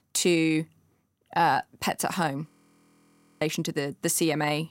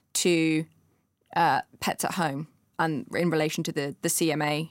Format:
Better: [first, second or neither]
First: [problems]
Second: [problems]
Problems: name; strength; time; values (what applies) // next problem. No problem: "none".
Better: second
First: audio freezing; at 2.5 s for 1 s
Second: none